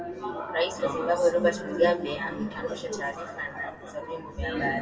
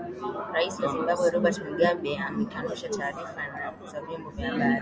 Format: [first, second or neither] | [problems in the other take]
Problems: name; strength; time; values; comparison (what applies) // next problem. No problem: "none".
second | room echo; dies away in 1.3 s